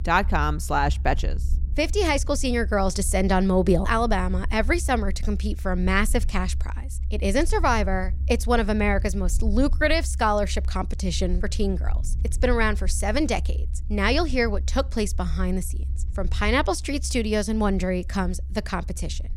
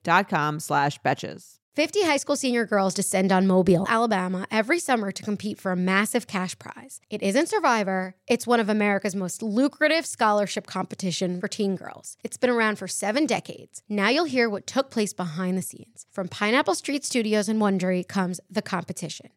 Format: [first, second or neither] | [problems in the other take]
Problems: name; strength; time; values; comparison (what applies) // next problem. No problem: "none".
second | low rumble; faint; throughout; 25 dB below the speech